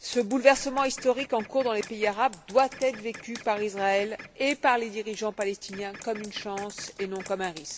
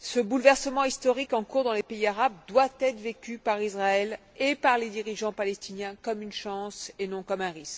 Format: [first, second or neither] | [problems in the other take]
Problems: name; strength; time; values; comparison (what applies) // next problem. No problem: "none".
second | background sound (Computer keyboard + Printer); 18 dB below the speech